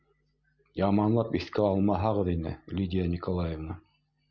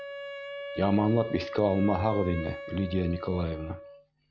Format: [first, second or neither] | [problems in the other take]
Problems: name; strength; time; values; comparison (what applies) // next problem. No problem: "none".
first | background sound (Wind instrument, woodwind instrument); 10 dB below the speech